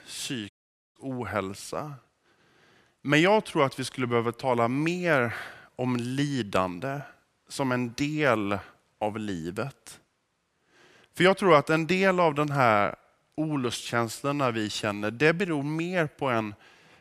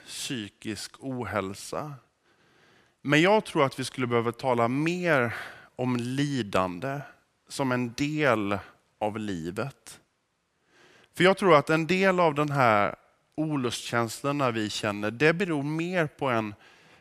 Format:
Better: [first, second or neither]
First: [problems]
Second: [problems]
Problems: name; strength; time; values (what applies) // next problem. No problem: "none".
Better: second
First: audio cutting out; at 0.5 s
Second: none